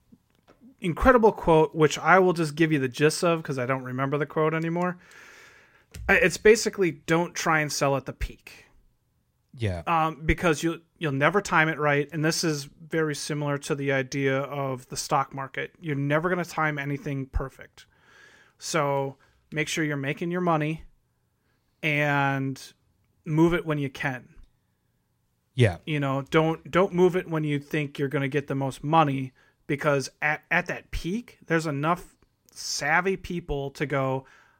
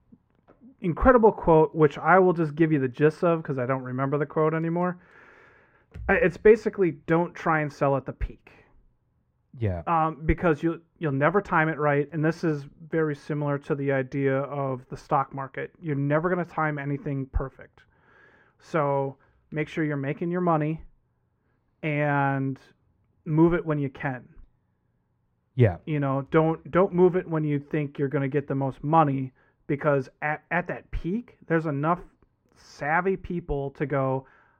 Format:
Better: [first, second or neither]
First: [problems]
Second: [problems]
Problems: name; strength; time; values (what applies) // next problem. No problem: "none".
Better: first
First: none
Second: muffled; very; fading above 3 kHz